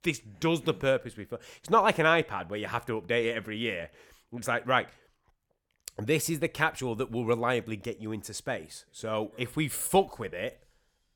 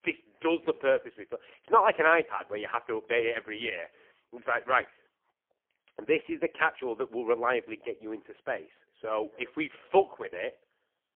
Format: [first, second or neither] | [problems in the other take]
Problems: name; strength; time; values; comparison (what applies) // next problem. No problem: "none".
first | phone-call audio; poor line; nothing above 3 kHz